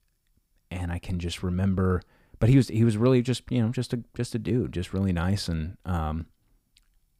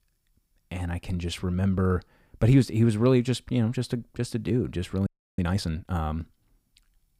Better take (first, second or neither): first